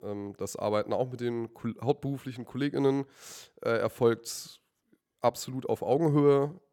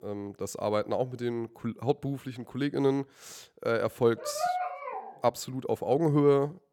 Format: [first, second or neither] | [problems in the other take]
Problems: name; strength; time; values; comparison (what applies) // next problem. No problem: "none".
first | dog barking; noticeable; at 4 s; peak 1 dB below the speech